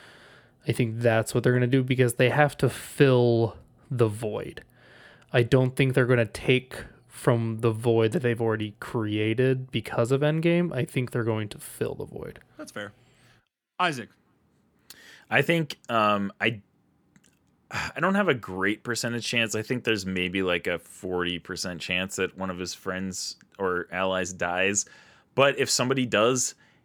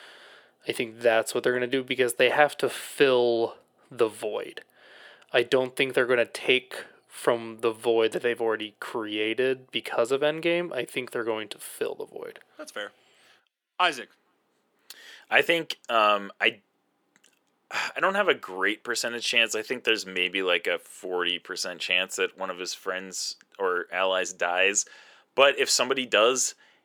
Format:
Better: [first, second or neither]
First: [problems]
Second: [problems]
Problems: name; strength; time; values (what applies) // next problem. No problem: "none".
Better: first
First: none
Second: thin; somewhat; fading below 450 Hz